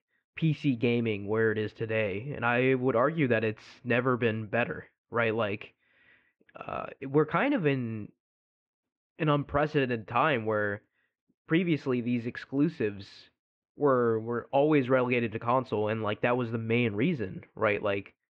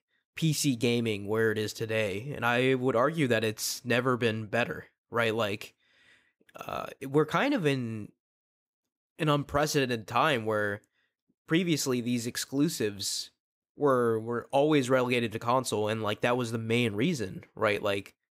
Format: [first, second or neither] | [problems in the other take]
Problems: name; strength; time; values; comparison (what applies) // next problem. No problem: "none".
second | muffled; very; fading above 2.5 kHz